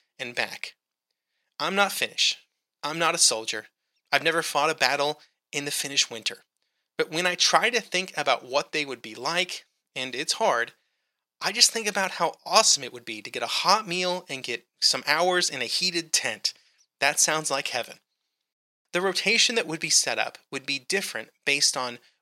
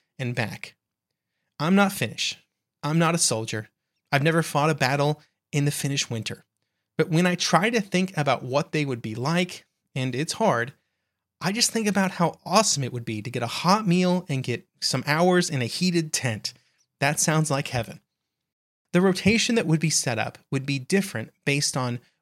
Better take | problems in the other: second | thin; very; fading below 450 Hz

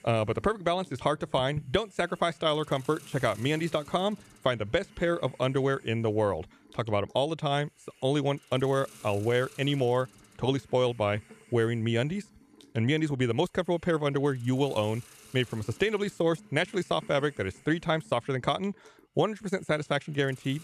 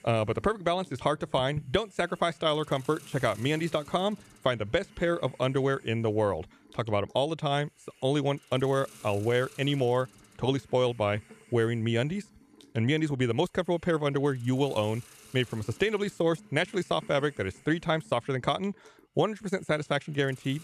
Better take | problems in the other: neither | hiss; faint; throughout; 25 dB below the speech; the same in both

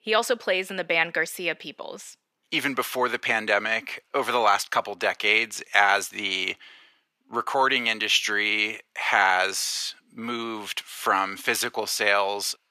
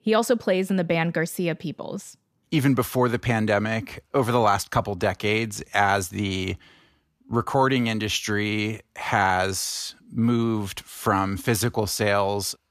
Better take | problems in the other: second | thin; somewhat; fading below 450 Hz

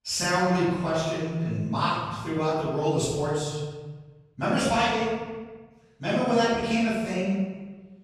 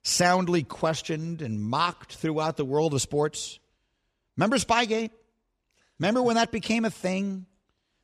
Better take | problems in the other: second | room echo; strong; dies away in 1.4 s // off-mic speech; far

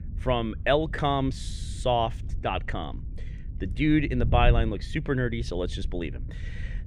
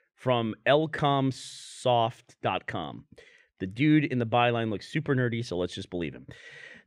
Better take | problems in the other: second | wind noise on the microphone; occasional gusts; 20 dB below the speech

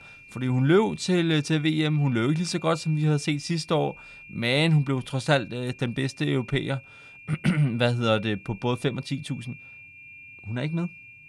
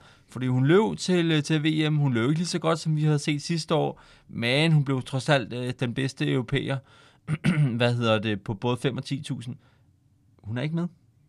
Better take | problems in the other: second | high-pitched whine; noticeable; throughout; 2.5 kHz, 20 dB below the speech

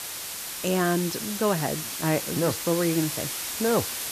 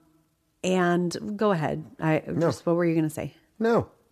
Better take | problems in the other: second | hiss; loud; throughout; 4 dB below the speech

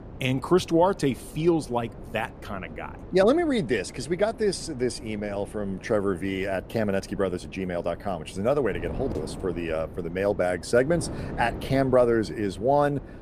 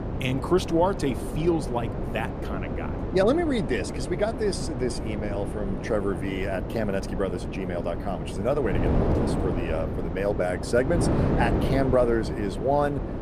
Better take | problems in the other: first | wind noise on the microphone; heavy; 6 dB below the speech; occasional gusts in the first

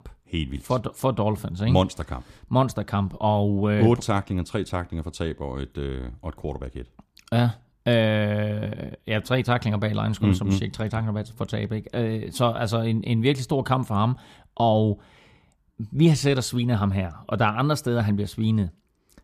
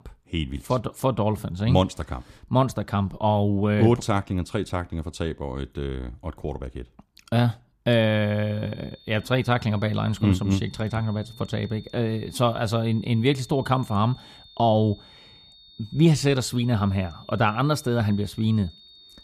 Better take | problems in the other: first | high-pitched whine; faint; from 8 s on; 3.5 kHz, 25 dB below the speech

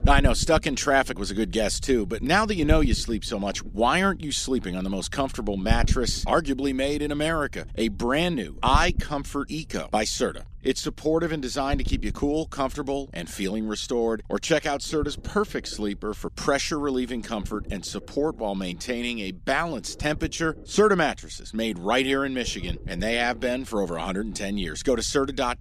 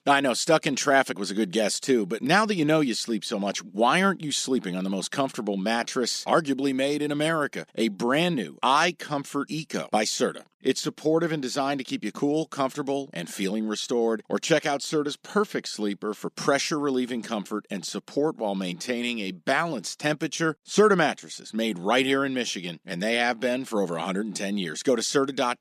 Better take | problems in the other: second | low rumble; faint; throughout; 20 dB below the speech

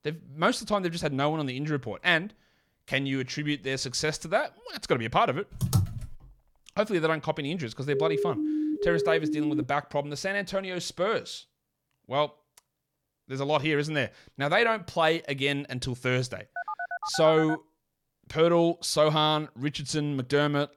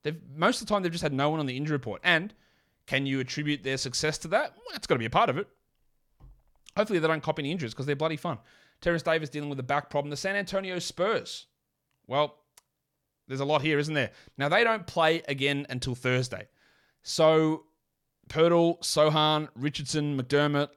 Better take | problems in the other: second | keyboard typing; loud; at 5.5 s; peak level with the speech // siren; noticeable; from 8 to 9.5 s; peak level with the speech // phone ringing; noticeable; from 17 to 18 s; peak 6 dB below the speech

